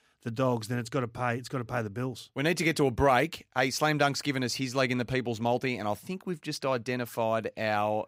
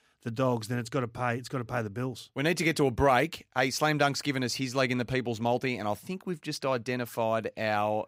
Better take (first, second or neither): neither